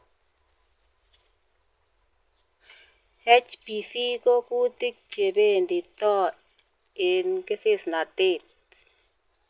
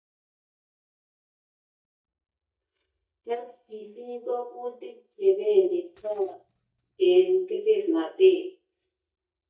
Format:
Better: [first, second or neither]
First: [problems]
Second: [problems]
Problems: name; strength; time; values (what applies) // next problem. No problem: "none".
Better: first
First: none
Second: noise reduction (neural mask model DeepFilterNet 3)